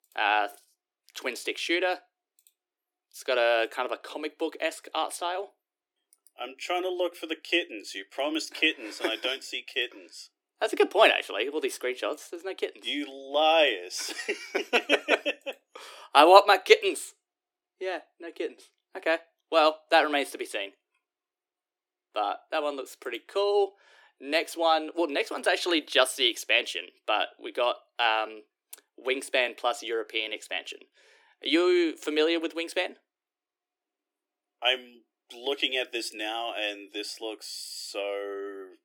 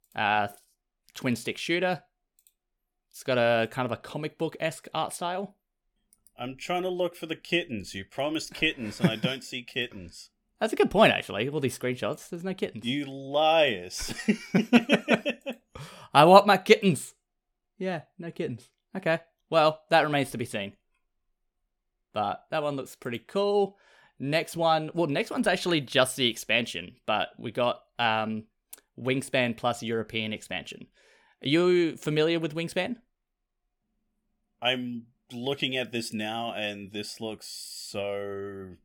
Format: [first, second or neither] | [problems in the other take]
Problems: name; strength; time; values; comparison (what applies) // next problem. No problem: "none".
second | thin; somewhat; fading below 300 Hz